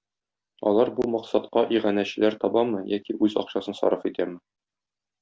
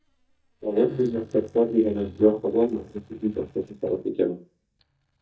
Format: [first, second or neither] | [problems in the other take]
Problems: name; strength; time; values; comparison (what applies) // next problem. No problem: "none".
first | noise reduction (neural mask model DeepFilterNet 3)